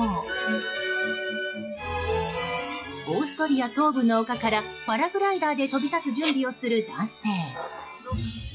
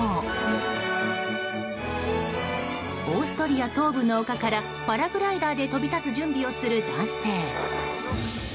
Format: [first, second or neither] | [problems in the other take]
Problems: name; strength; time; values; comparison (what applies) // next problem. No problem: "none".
second | noise reduction (classical method log-MMSE)